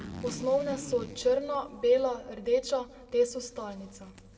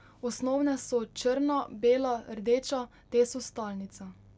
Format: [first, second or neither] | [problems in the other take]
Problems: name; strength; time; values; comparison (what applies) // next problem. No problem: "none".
second | background sound (Zipper (clothing)); 16 dB below the speech // room echo; dies away in 1.2 s